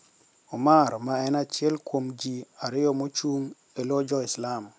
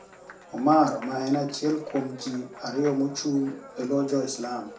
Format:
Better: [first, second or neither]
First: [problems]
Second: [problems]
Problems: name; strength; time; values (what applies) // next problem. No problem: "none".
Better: first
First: none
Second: background sound (Applause); 19 dB below the speech // room echo; dies away in 0.3 s